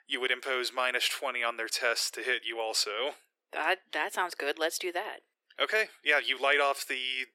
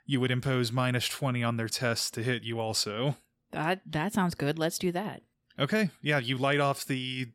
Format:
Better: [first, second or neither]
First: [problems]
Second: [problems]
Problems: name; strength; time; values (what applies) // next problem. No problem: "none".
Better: second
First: thin; very; fading below 350 Hz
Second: none